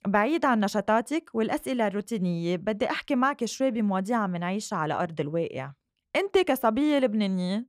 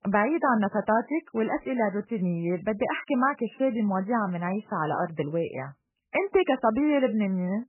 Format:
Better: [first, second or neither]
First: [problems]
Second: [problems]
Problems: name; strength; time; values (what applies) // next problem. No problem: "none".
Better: first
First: none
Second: garbled, watery; badly; nothing above 3 kHz